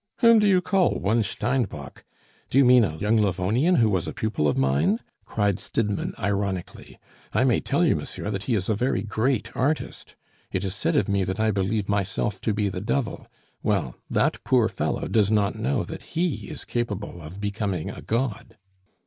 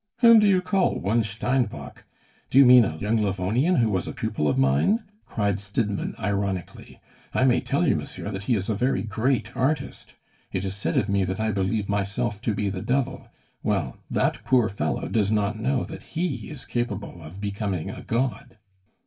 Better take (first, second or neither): first